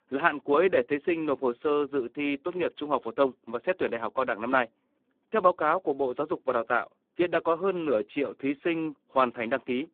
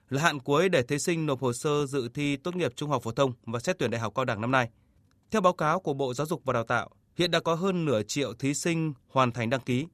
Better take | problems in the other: second | phone-call audio; poor line

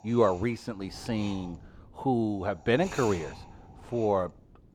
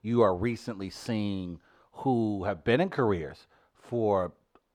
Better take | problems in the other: second | wind noise on the microphone; occasional gusts; 15 dB below the speech

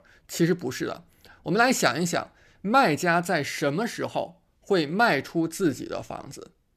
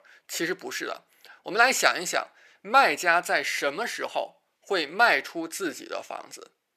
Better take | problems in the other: first | thin; very; fading below 550 Hz

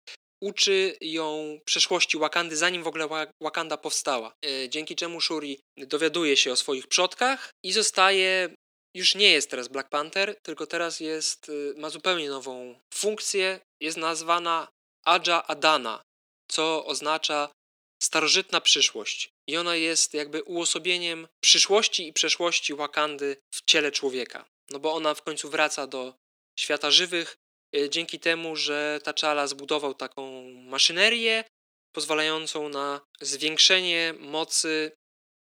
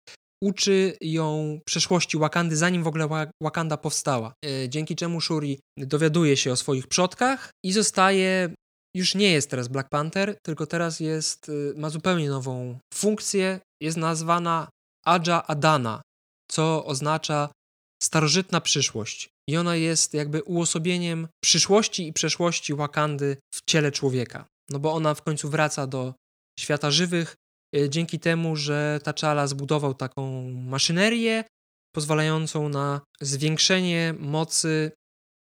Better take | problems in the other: second | thin; somewhat; fading below 300 Hz

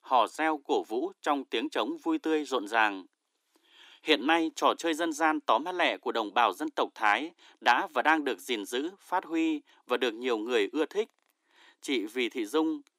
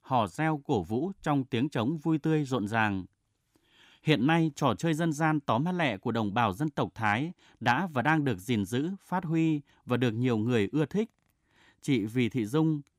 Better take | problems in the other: second | thin; somewhat; fading below 300 Hz

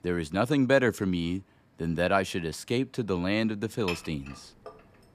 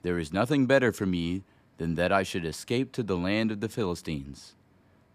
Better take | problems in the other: second | clattering dishes; noticeable; at 4 s; peak 9 dB below the speech

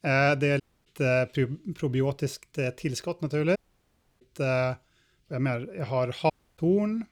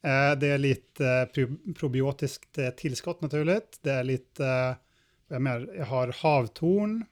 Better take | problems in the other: second | audio cutting out; at 0.5 s, at 3.5 s for 0.5 s and at 6.5 s

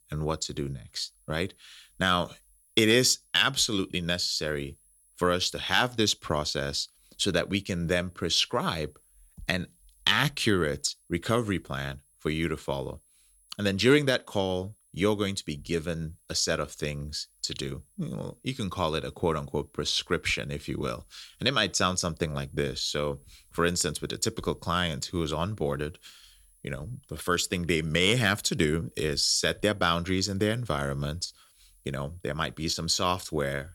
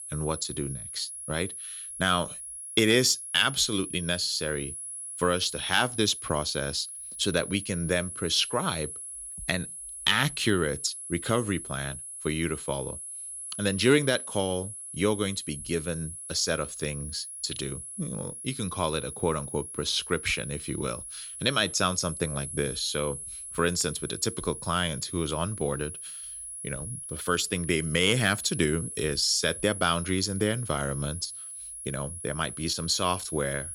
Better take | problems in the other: first | high-pitched whine; loud; throughout; 10.5 kHz, 8 dB below the speech; faint in the first

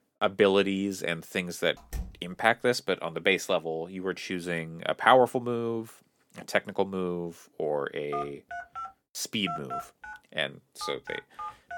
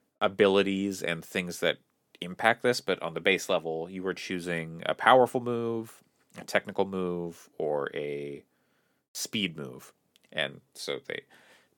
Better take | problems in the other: second | door banging; faint; at 2 s; peak 10 dB below the speech // phone ringing; noticeable; from 8 s on; peak 7 dB below the speech

